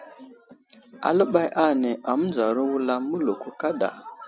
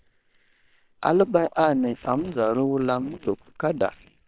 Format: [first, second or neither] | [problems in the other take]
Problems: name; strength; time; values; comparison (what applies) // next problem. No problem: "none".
first | noise reduction (neural separator model SepFormer WHAM!)